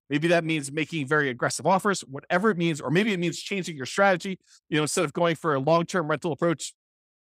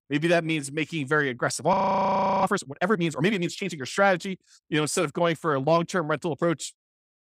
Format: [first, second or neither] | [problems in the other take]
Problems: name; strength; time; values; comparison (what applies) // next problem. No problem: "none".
first | audio freezing; at 1.5 s for 0.5 s